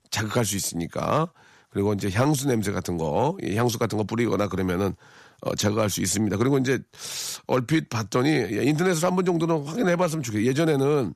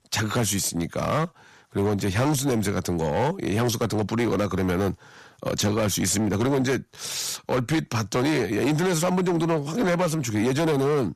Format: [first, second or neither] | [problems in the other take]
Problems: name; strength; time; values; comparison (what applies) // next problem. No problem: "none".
first | distortion; slight; 14% of the sound clipped